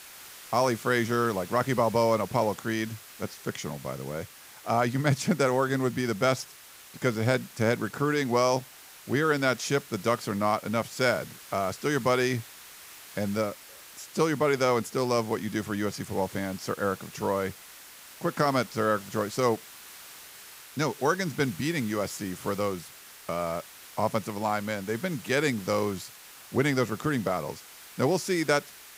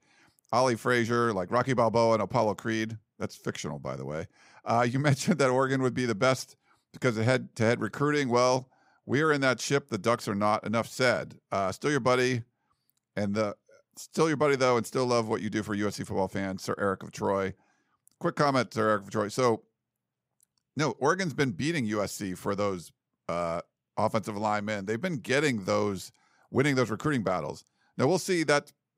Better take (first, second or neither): second